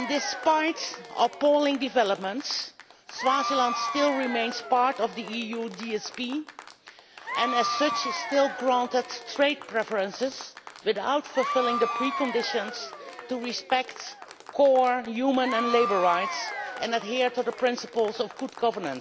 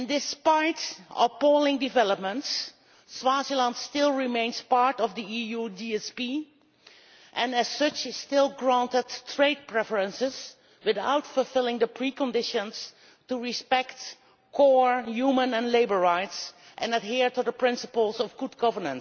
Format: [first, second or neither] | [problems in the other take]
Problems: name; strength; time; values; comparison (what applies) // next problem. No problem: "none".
second | background sound (Applause / Crowd / Cheering); 8 dB below the speech